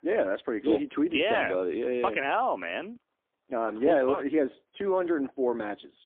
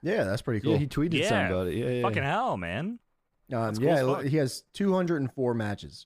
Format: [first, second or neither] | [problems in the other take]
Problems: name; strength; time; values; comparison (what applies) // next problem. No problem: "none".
second | phone-call audio; poor line; nothing above 3 kHz